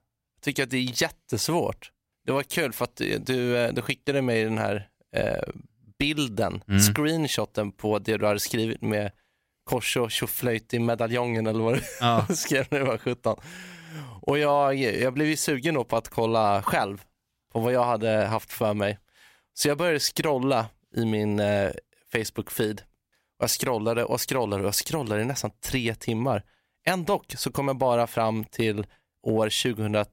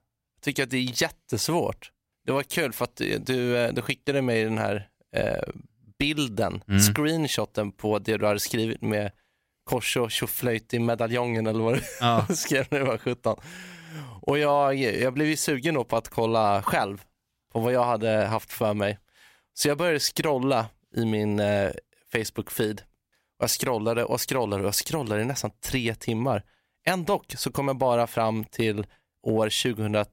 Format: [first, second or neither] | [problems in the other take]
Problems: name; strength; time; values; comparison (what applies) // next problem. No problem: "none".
neither | none